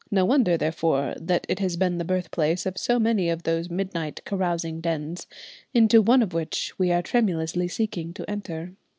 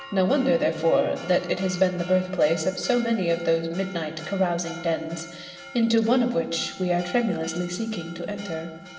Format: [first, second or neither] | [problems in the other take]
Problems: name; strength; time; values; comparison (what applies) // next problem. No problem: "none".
first | background sound (Church bell); 17 dB below the speech // room echo; dies away in 1.1 s